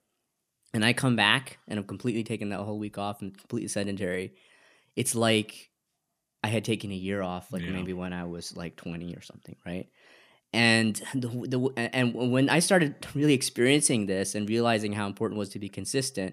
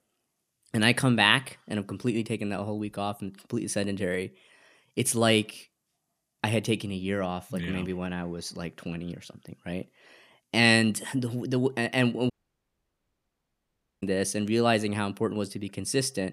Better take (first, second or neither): first